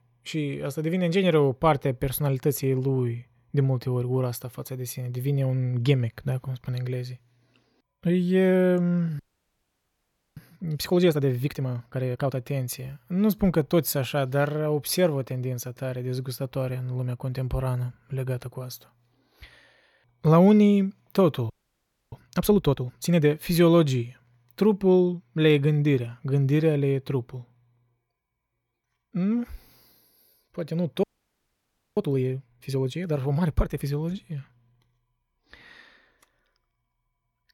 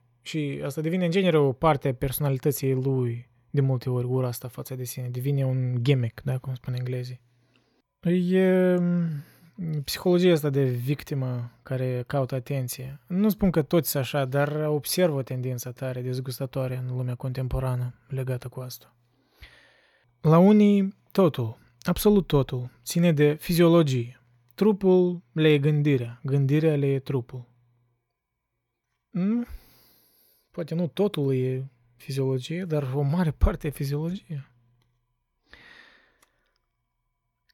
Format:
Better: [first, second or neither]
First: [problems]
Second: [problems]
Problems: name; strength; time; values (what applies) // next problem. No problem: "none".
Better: second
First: audio freezing; at 9 s for 1 s, at 22 s for 0.5 s and at 31 s for 1 s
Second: none